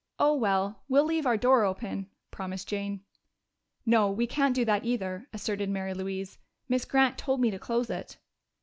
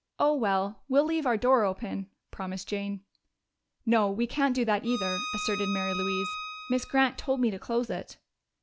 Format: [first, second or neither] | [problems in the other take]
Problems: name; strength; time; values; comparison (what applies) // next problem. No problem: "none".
first | background sound (Bowed string instrument); 8 dB below the speech